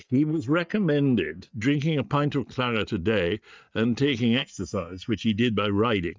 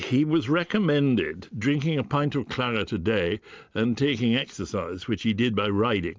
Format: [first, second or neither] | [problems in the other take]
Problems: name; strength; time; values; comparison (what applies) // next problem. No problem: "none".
second | noise reduction (neural mask model DeepFilterNet 3)